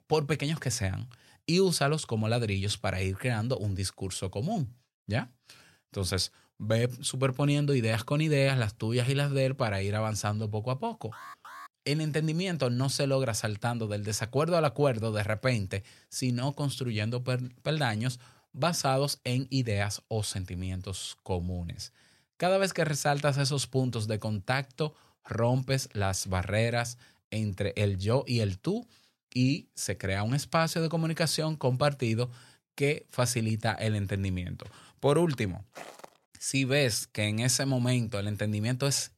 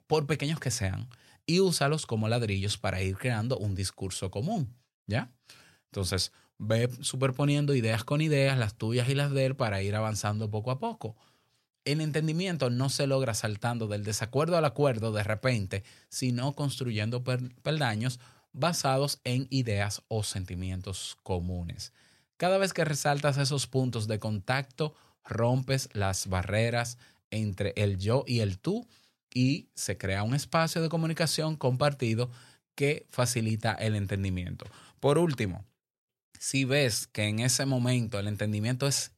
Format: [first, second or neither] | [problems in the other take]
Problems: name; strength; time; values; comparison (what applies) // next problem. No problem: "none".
second | alarm; faint; at 11 s; peak 15 dB below the speech // footsteps; faint; at 36 s; peak 15 dB below the speech